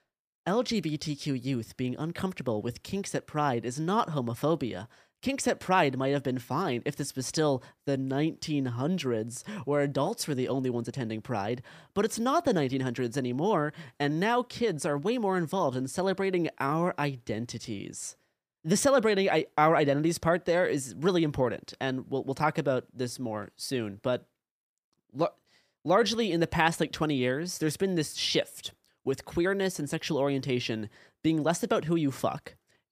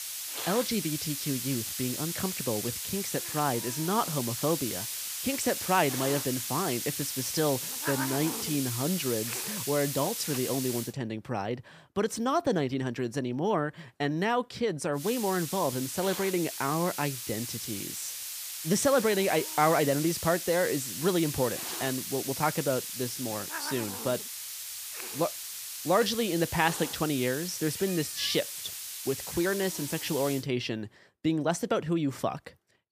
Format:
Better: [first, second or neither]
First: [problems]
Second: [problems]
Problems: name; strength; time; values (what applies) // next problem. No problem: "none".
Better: first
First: none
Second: hiss; loud; until 11 s and from 15 to 30 s; 4 dB below the speech